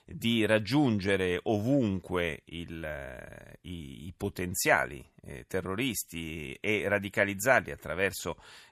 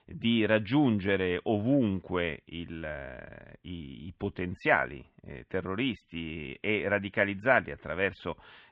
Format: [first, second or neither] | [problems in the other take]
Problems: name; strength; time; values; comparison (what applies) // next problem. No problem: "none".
first | muffled; very; fading above 3.5 kHz